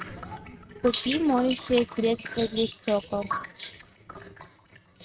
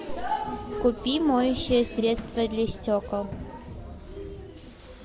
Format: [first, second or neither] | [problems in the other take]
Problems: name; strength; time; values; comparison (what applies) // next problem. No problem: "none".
second | noise reduction (neural mask model RNNoise)